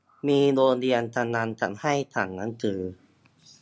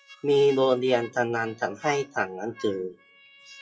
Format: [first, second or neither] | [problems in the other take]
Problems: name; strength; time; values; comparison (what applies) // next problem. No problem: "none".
first | noise reduction (classical method WPE with log-MMSE)